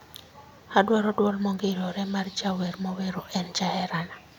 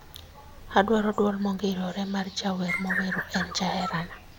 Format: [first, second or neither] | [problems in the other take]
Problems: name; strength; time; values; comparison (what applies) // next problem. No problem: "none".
first | background sound (Bird); 9 dB below the speech